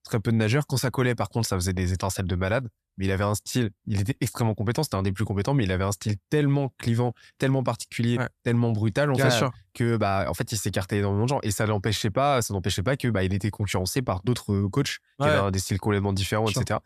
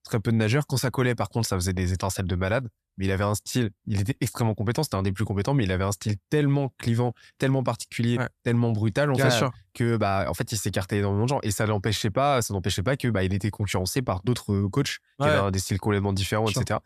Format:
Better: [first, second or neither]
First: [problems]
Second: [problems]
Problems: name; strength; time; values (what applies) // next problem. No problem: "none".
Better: neither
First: none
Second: none